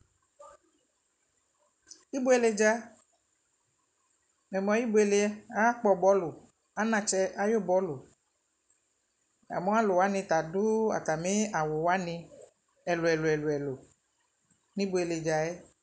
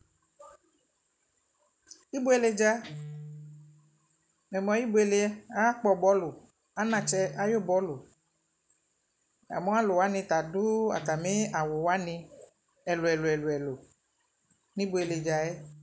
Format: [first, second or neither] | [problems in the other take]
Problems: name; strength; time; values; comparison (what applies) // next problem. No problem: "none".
first | background sound (Guitar); 19 dB below the speech